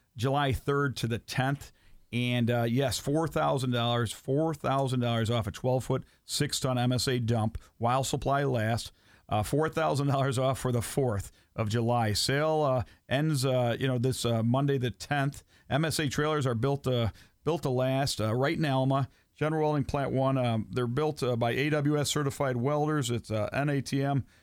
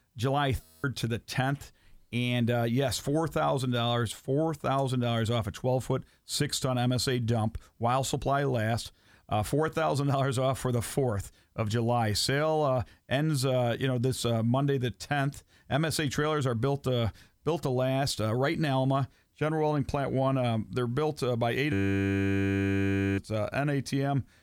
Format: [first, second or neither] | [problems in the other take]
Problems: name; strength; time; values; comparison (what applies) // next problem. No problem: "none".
first | audio freezing; at 0.5 s and at 22 s for 1.5 s